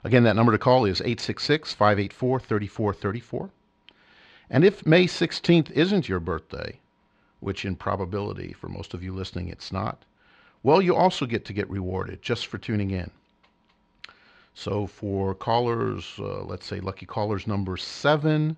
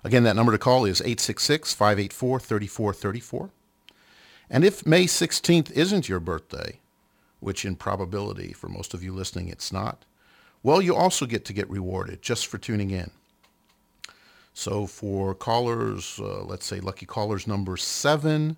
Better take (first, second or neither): second